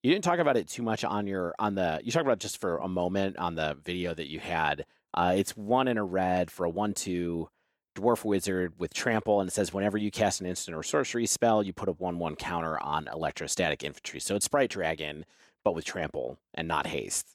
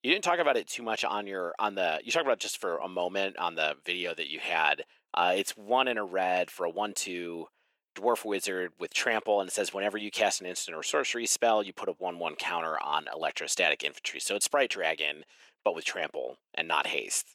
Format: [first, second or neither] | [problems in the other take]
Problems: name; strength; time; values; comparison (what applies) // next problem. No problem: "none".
first | thin; somewhat; fading below 450 Hz